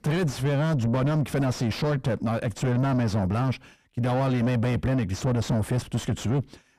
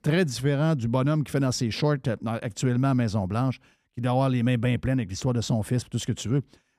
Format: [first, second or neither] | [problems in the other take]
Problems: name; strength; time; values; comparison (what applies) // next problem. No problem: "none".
second | distortion; heavy; 7 dB below the speech